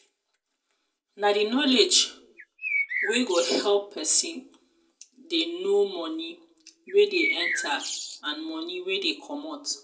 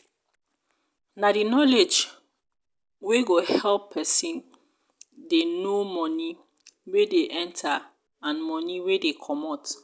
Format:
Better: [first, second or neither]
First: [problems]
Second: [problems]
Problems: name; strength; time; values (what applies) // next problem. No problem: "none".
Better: second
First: background sound (Bird); 4 dB below the speech // room echo; dies away in 0.2 s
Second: none